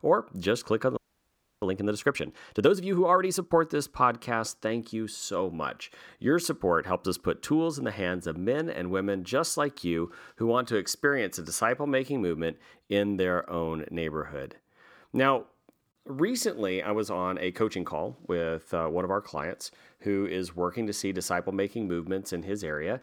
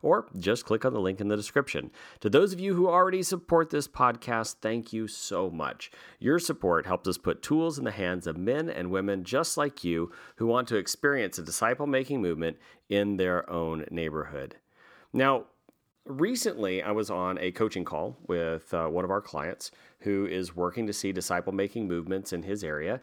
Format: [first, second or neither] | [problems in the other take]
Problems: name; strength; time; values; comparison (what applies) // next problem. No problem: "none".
second | audio freezing; at 1 s for 0.5 s